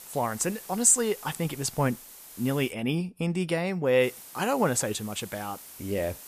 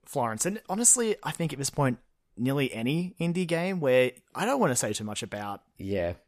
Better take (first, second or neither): second